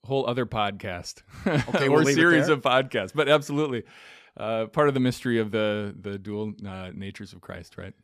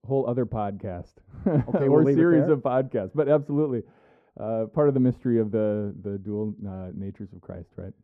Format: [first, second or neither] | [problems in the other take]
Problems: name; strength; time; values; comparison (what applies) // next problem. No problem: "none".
first | muffled; very; fading above 1.5 kHz